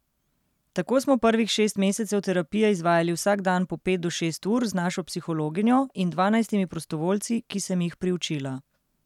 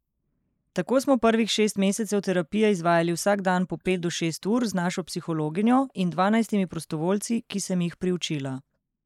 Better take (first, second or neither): first